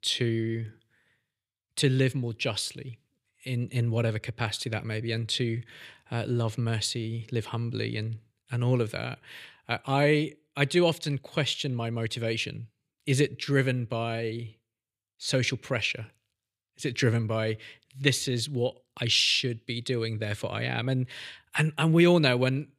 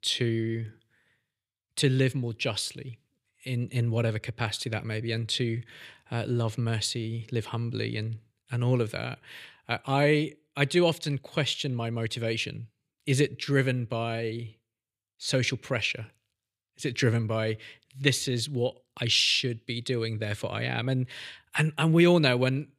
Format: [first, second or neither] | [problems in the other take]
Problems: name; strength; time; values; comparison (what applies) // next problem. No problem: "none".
neither | none